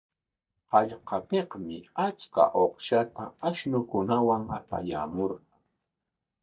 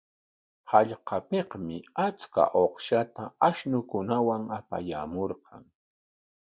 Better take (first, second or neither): second